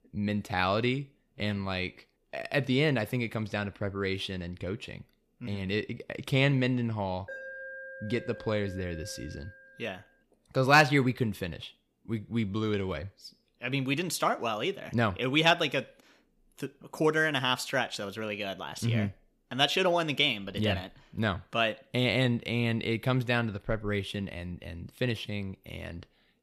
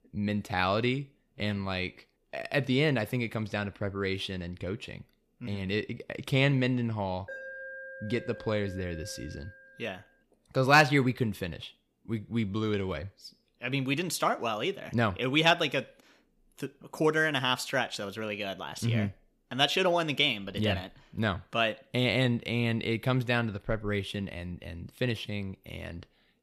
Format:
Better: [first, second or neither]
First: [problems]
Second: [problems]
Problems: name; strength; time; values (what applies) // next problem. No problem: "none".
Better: neither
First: alarm; faint; from 7.5 to 10 s; peak 10 dB below the speech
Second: alarm; faint; from 7.5 to 10 s; peak 10 dB below the speech